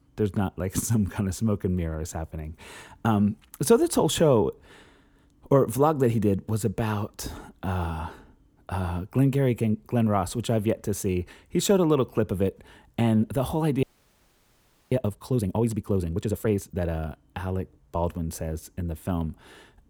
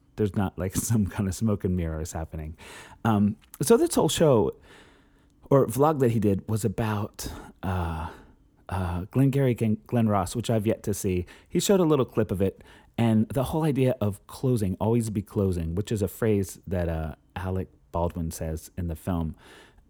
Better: second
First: audio freezing; at 14 s for 1 s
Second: none

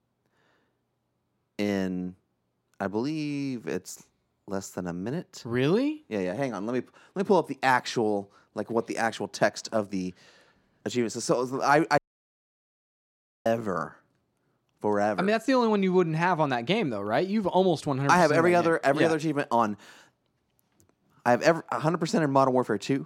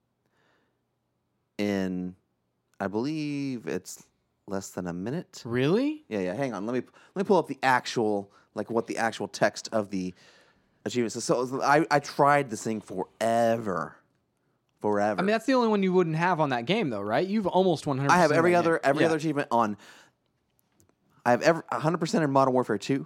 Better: second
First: audio cutting out; at 12 s for 1.5 s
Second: none

